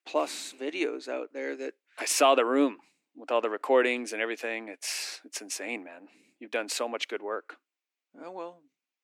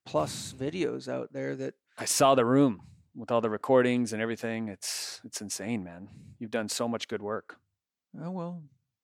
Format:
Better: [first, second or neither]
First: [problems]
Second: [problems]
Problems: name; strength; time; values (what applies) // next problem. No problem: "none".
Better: second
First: thin; very slightly; fading below 300 Hz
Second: none